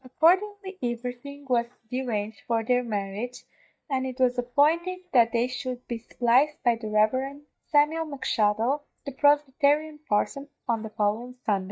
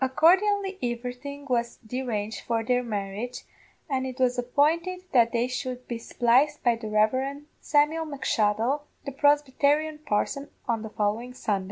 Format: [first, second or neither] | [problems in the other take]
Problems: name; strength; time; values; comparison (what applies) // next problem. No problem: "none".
second | noise reduction (neural mask model DeepFilterNet 3)